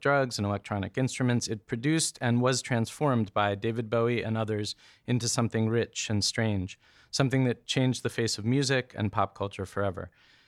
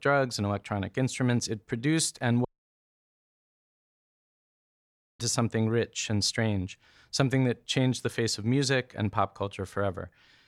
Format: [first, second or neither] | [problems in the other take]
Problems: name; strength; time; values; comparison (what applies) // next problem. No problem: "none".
first | audio cutting out; at 2.5 s for 2.5 s